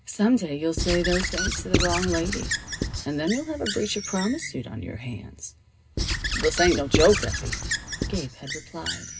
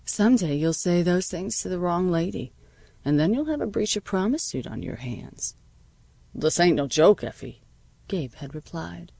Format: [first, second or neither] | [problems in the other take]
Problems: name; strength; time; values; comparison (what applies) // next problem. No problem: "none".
second | background sound (Squeak / Writing); 3 dB below the speech // room echo; dies away in 0.2 s